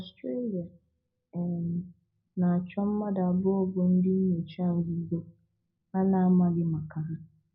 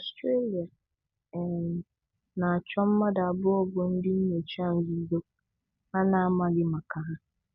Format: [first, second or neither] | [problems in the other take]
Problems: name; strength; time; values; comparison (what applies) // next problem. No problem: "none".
second | room echo; dies away in 0.4 s